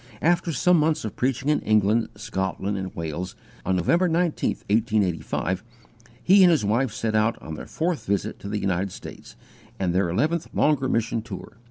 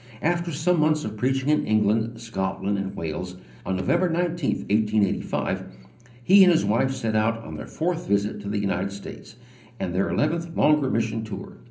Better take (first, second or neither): first